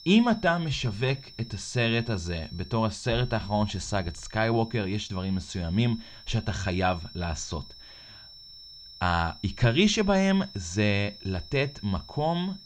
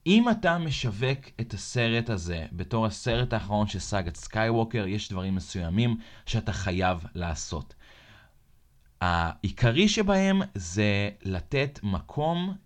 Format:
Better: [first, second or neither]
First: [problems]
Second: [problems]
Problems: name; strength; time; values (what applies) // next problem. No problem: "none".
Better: second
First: high-pitched whine; noticeable; throughout; 5.5 kHz, 20 dB below the speech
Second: none